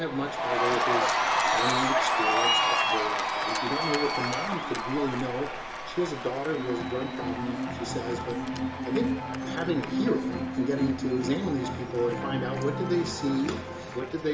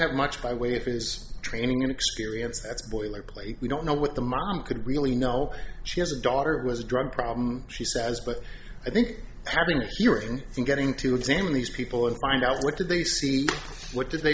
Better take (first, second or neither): second